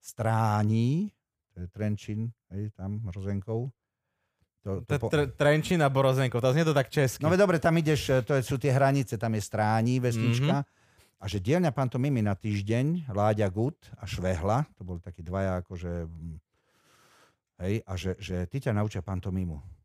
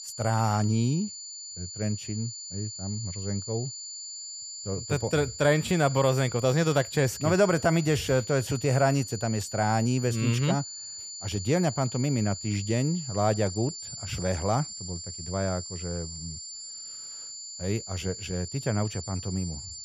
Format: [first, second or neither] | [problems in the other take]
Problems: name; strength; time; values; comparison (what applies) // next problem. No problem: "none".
first | high-pitched whine; loud; throughout; 7 kHz, 9 dB below the speech